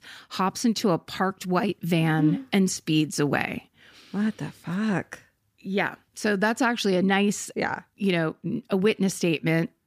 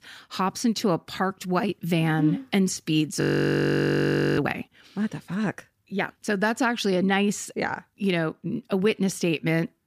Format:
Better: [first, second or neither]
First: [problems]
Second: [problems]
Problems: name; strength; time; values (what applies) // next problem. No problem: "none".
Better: first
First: none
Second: audio freezing; at 3 s for 1 s